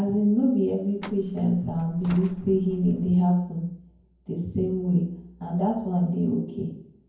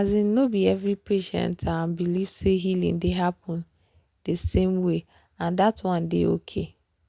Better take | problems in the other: second | background sound (Truck); 18 dB below the speech // room echo; dies away in 0.9 s

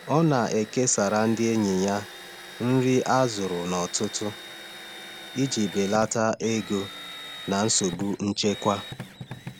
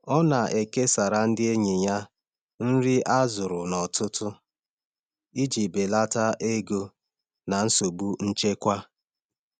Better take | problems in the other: second | background sound (Drill); 15 dB below the speech

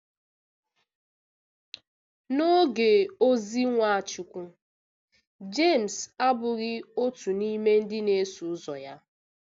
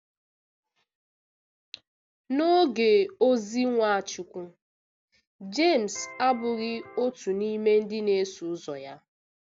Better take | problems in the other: first | background sound (Electric guitar); 17 dB below the speech

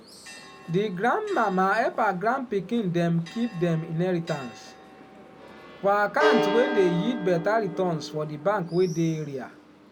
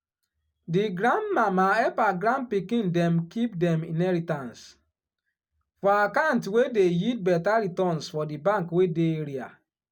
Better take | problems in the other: second | background sound (Church bell); 8 dB below the speech

